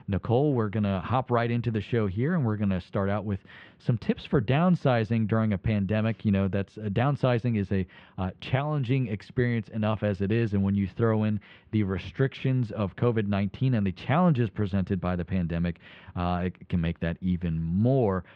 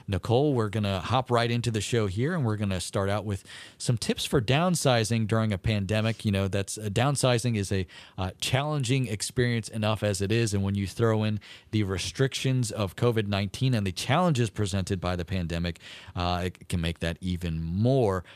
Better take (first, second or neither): second